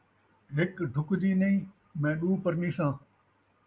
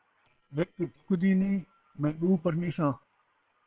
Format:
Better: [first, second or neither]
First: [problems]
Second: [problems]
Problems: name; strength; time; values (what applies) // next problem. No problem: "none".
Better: first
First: none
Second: noise reduction (neural separator model SepFormer WHAM!)